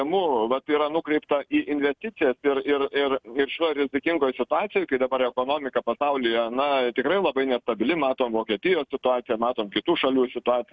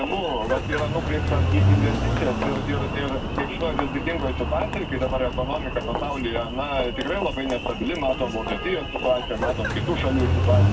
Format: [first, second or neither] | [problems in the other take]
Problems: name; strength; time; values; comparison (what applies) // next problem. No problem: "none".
first | background sound (Engine); 2 dB above the speech // room echo; dies away in 0.4 s